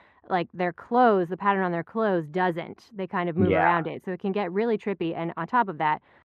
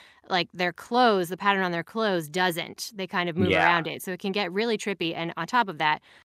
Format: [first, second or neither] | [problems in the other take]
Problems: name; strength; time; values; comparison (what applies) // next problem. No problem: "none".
second | muffled; very; fading above 3 kHz